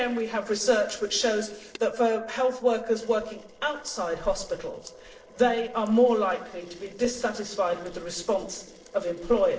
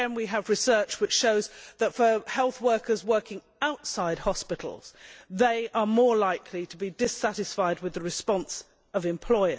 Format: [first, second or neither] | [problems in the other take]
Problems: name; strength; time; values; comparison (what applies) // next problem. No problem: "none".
second | noise reduction (neural separator model SepFormer DNS4)